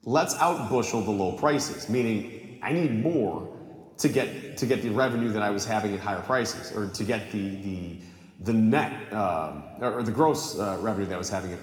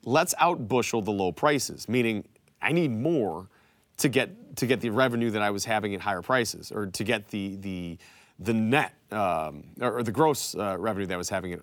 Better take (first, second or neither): second